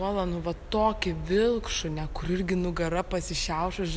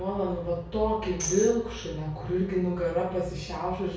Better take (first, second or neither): first